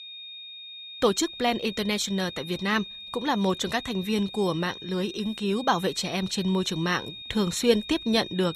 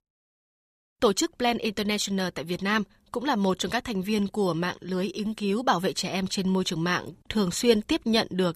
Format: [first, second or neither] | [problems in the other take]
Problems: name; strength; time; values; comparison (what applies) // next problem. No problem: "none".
second | high-pitched whine; noticeable; throughout; 3.5 kHz, 10 dB below the speech